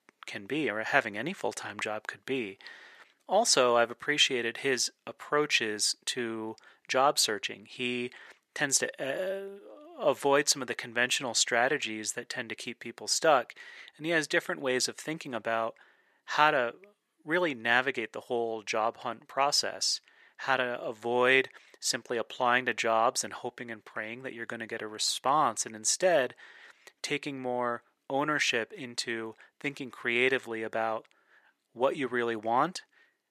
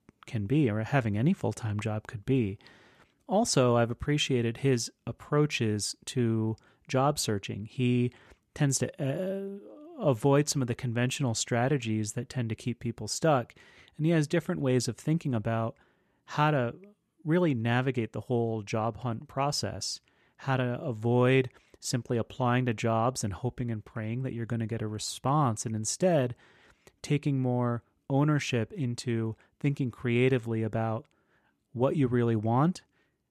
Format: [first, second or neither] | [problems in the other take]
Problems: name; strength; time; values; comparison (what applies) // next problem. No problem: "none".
second | thin; very; fading below 500 Hz